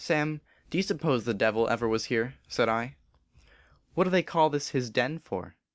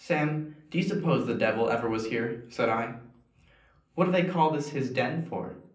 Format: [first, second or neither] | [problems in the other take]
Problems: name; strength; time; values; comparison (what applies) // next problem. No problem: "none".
first | room echo; dies away in 0.6 s